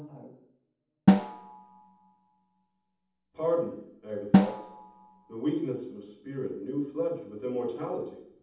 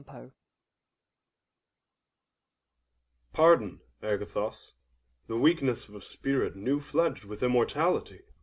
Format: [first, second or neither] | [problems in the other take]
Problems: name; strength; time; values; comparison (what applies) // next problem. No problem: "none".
second | background sound (Snare drum); 5 dB above the speech // room echo; dies away in 0.8 s